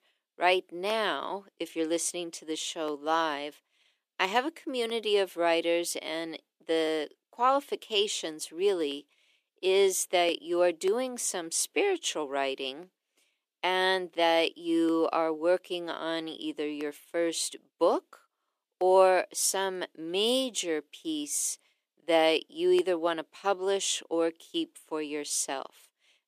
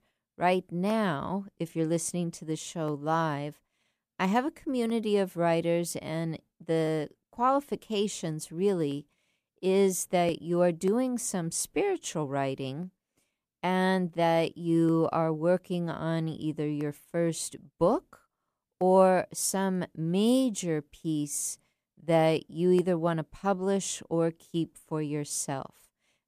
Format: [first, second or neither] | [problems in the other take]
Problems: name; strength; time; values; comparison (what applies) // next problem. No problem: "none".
second | thin; somewhat; fading below 350 Hz